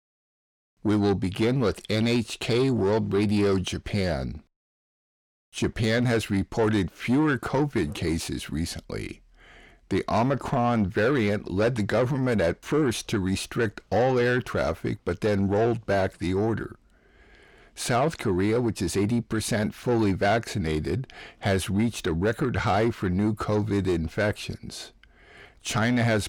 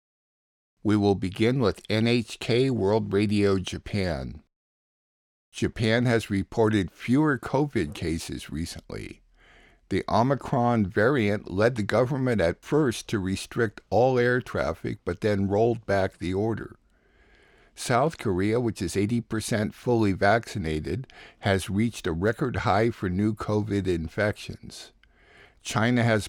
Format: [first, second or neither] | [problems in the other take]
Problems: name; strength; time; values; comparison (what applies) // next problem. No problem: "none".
second | distortion; slight; 10 dB below the speech